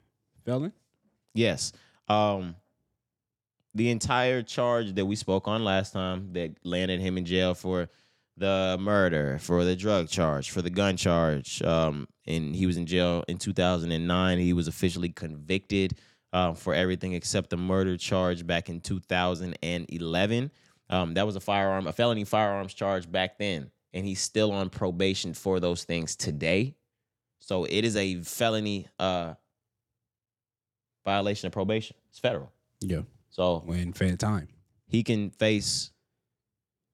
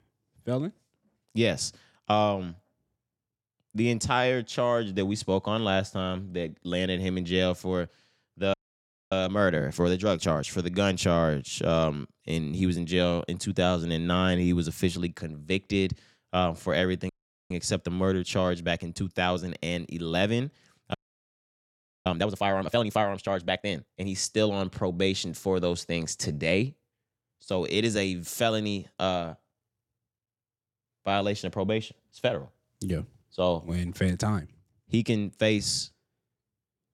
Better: first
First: none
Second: audio freezing; at 8.5 s for 0.5 s, at 17 s and at 21 s for 1 s

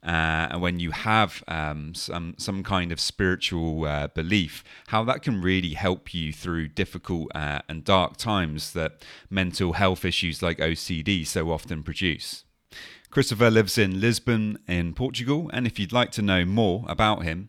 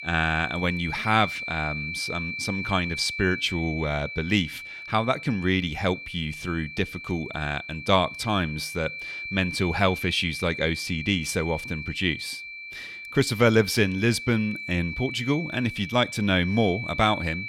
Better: first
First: none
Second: high-pitched whine; loud; throughout; 2.5 kHz, 8 dB below the speech

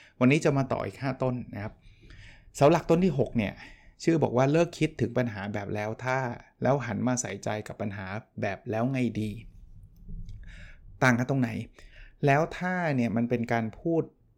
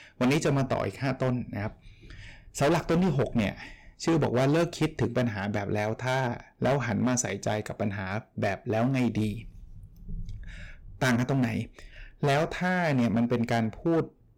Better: first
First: none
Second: distortion; heavy; 9% of the sound clipped

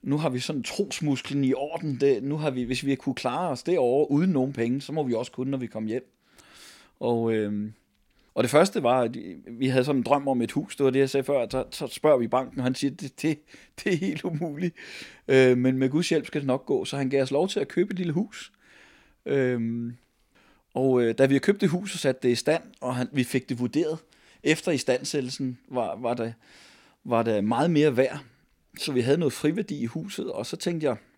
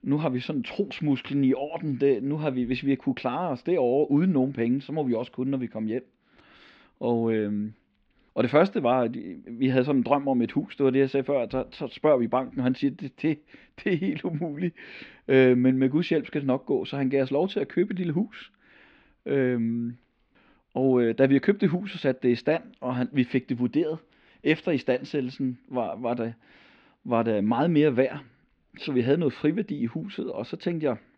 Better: first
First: none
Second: muffled; slightly; fading above 3.5 kHz

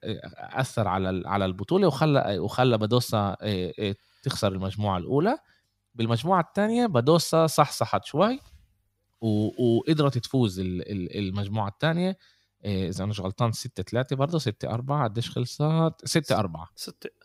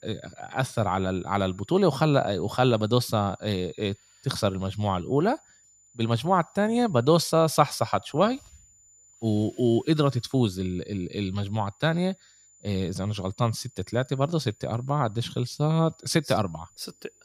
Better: first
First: none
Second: high-pitched whine; faint; throughout; 7 kHz, 30 dB below the speech

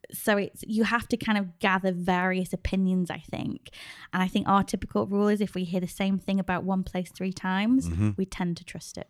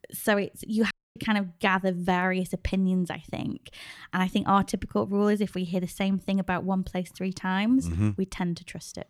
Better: first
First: none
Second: audio cutting out; at 1 s

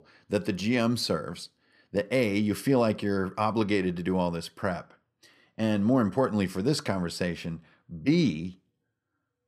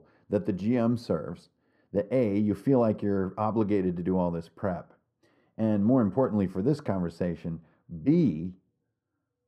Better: first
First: none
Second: muffled; very; fading above 1.5 kHz

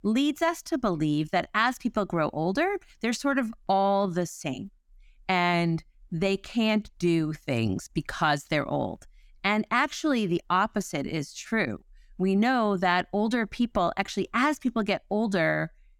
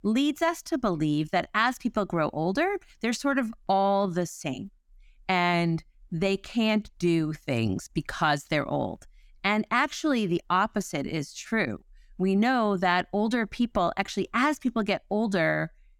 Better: neither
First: none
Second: none

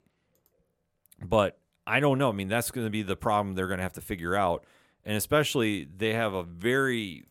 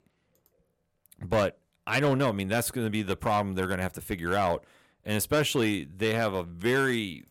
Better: first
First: none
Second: distortion; slight; 4% of the sound clipped

